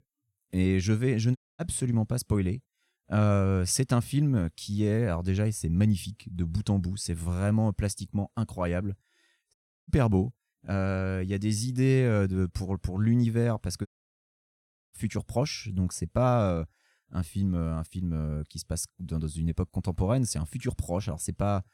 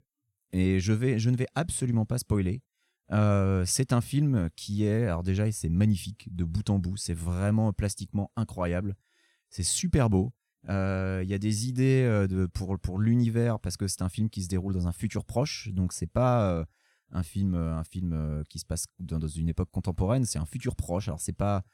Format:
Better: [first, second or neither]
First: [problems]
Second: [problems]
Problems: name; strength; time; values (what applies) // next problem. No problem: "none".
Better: second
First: audio cutting out; at 1.5 s, at 9.5 s and at 14 s for 1 s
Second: none